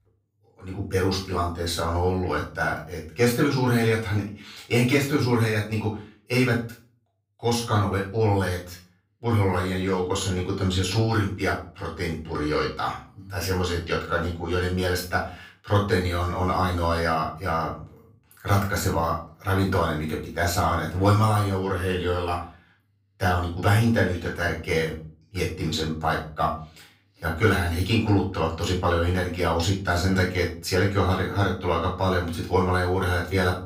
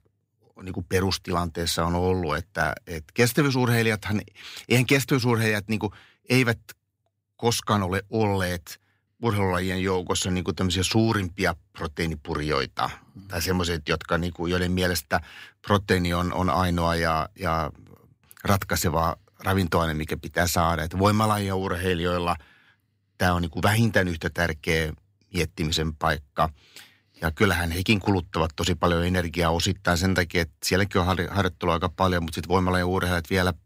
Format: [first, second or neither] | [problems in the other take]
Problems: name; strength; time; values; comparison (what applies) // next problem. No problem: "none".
second | off-mic speech; far // room echo; slight; dies away in 0.3 s